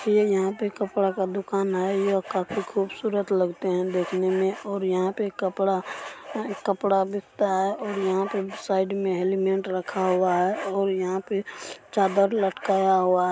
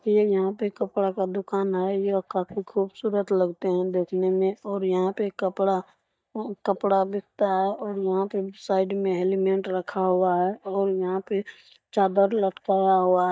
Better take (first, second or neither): first